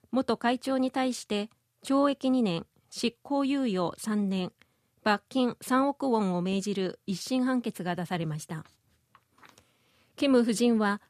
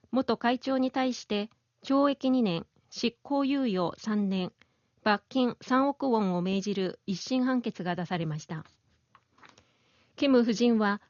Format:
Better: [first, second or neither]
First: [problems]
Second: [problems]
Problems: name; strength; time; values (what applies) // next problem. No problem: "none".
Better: first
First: none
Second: garbled, watery; slightly; nothing above 6.5 kHz